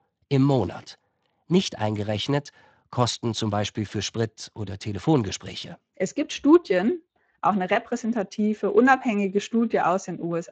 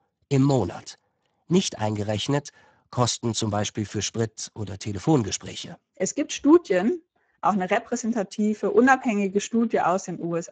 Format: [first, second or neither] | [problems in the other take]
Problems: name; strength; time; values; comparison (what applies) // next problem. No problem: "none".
first | garbled, watery; badly; nothing above 7.5 kHz; slightly in the first